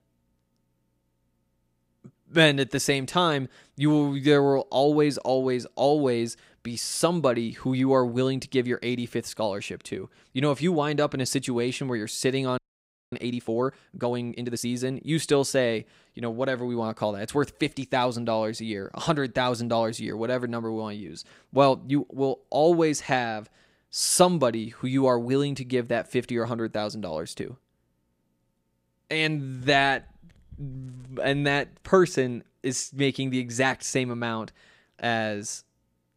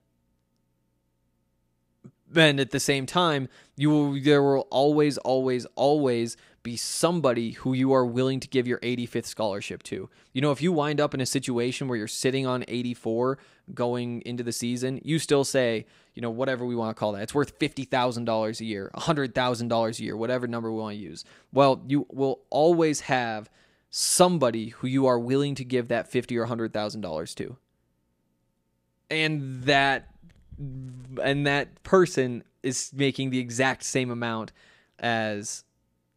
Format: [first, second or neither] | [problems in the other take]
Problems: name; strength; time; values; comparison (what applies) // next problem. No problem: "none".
second | audio freezing; at 13 s for 0.5 s